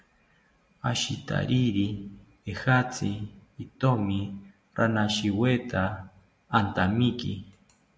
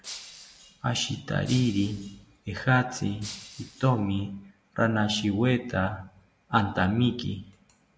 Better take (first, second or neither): first